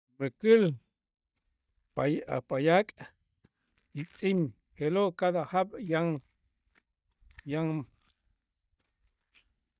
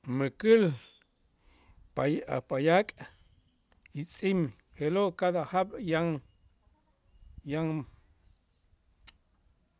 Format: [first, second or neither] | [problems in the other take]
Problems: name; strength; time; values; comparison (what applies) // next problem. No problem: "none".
second | noise reduction (neural mask model DeepFilterNet 3)